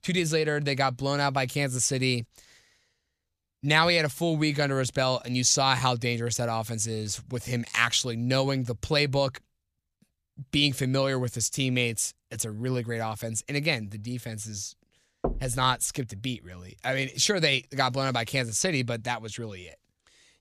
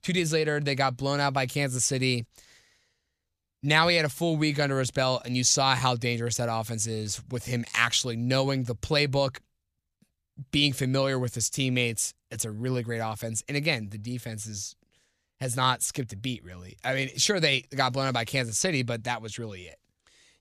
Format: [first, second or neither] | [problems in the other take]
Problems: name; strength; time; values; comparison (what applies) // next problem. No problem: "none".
second | door banging; noticeable; at 15 s; peak 7 dB below the speech